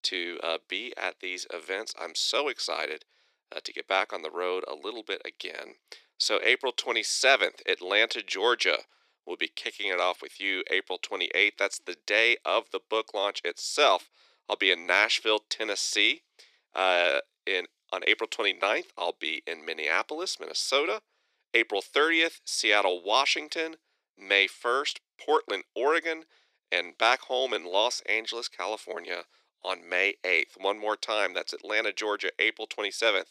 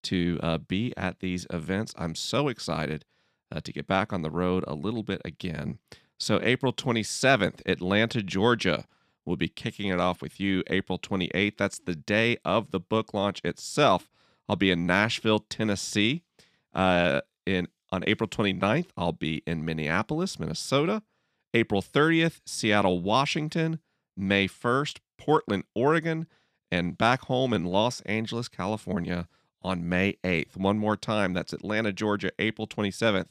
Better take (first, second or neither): second